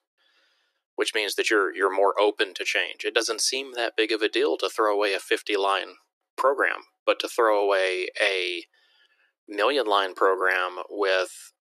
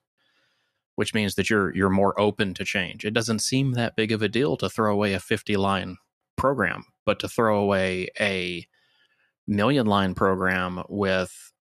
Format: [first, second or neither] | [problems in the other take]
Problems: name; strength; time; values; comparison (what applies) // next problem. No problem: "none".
second | thin; very; fading below 300 Hz